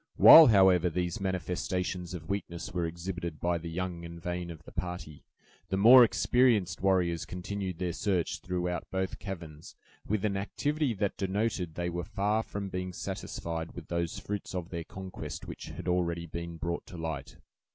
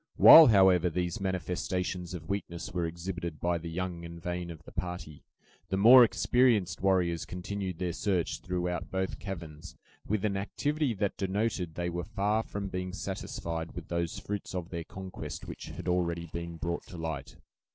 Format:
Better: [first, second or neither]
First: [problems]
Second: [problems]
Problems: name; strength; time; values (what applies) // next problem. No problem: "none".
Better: first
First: none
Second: noise reduction (neural separator model SepFormer DNS4)